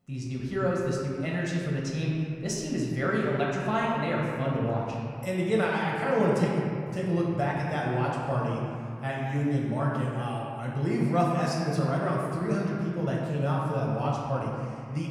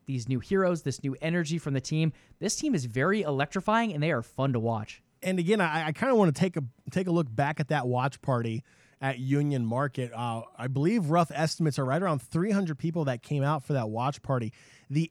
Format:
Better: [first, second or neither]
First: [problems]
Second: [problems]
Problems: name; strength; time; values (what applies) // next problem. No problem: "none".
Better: second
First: room echo; noticeable; dies away in 2.1 s // off-mic speech; far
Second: none